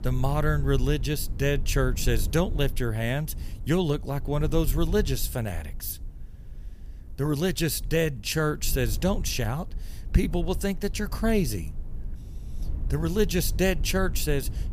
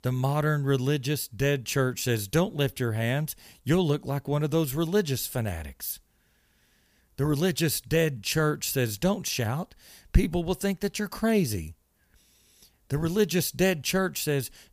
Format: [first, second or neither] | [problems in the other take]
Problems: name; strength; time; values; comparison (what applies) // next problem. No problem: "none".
second | low rumble; faint; throughout; 20 dB below the speech